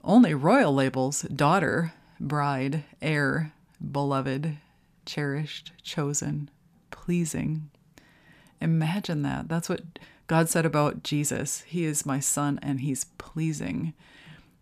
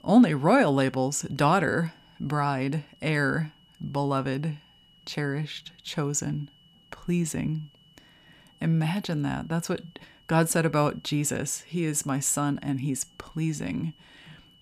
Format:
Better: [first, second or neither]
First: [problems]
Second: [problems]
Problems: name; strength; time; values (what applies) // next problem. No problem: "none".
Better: first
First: none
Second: high-pitched whine; faint; throughout; 3 kHz, 30 dB below the speech